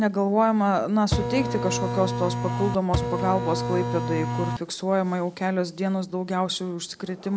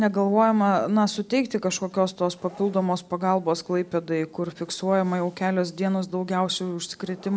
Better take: second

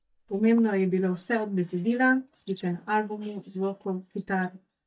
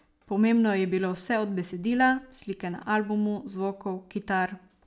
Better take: second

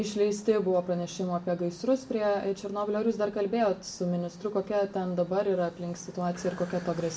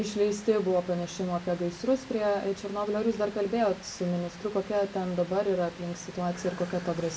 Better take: first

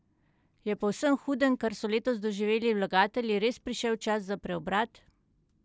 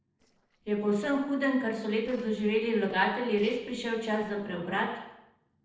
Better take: first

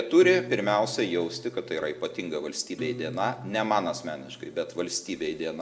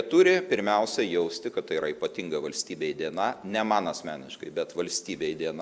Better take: second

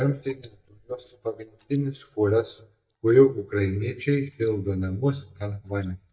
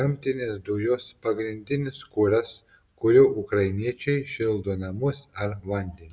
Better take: second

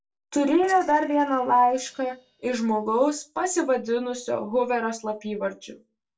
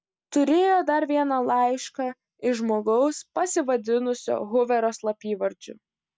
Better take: second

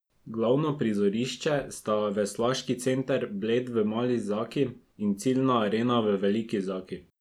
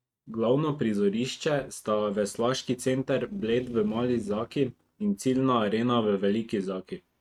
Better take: first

